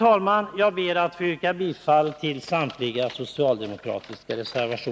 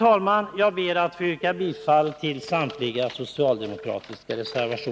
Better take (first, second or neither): first